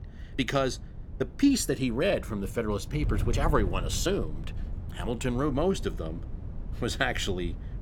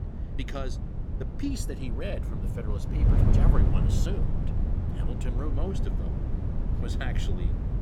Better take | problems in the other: first | wind noise on the microphone; heavy; 1 dB below the speech; occasional gusts in the first

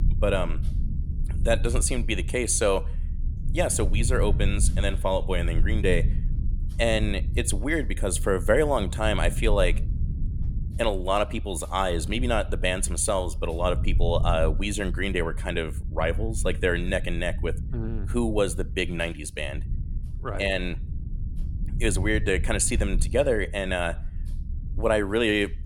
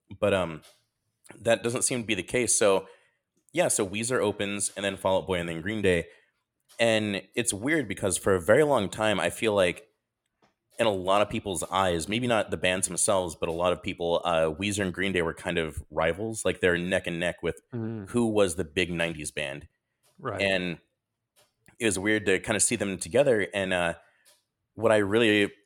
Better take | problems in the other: second | low rumble; noticeable; throughout; 20 dB below the speech

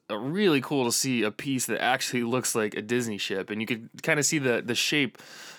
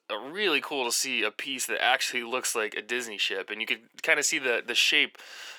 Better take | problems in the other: first | thin; somewhat; fading below 550 Hz

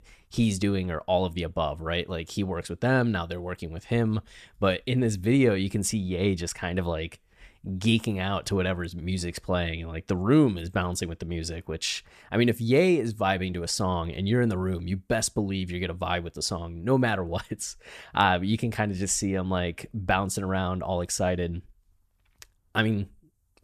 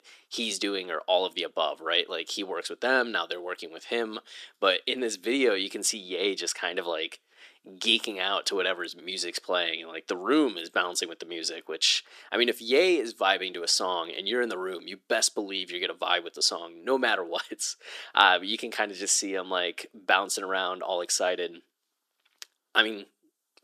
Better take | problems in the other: first | thin; very; fading below 300 Hz

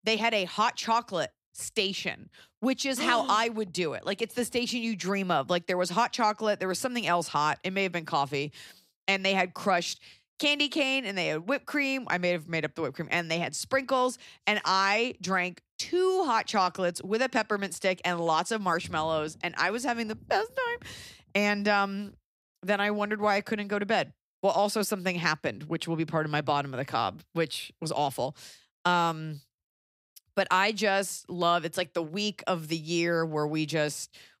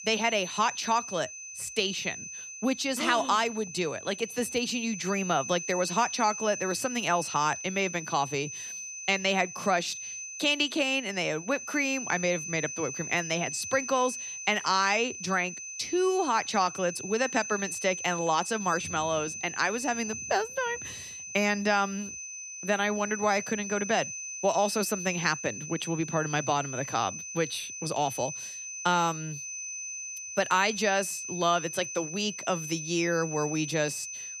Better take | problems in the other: first | high-pitched whine; loud; throughout; 6 kHz, 8 dB below the speech

